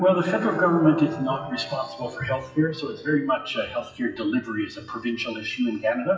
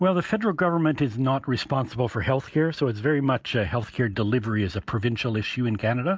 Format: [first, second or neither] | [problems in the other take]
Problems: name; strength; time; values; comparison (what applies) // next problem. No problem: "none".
second | noise reduction (classical method WPE with log-MMSE)